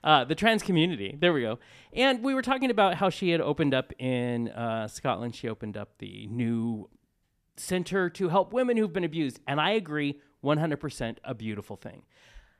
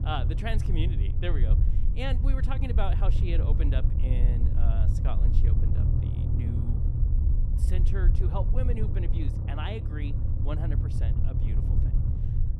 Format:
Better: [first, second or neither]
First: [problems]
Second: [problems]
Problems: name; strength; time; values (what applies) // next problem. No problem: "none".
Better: first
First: none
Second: low rumble; loud; throughout; 4 dB below the speech